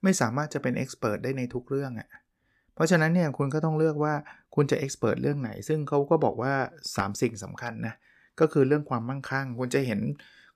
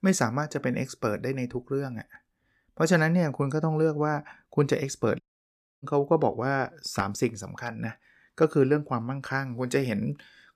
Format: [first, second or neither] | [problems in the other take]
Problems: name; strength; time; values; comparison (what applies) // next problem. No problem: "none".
first | audio cutting out; at 5 s for 0.5 s